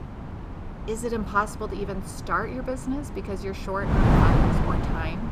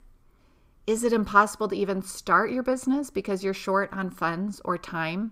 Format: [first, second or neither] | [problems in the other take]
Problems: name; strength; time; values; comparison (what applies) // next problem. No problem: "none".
second | wind noise on the microphone; heavy; 1 dB below the speech